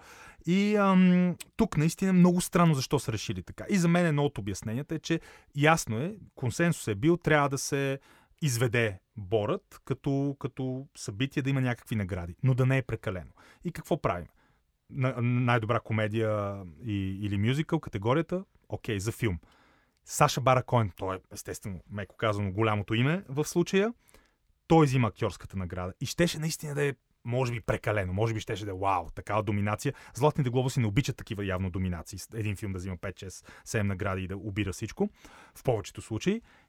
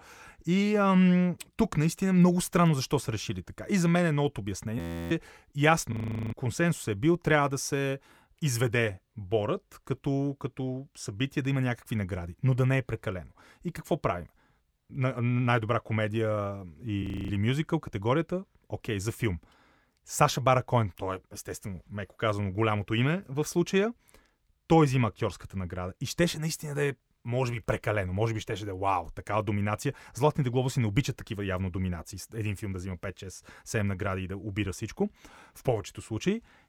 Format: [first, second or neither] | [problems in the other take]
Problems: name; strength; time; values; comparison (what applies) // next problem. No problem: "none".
first | audio freezing; at 5 s, at 6 s and at 17 s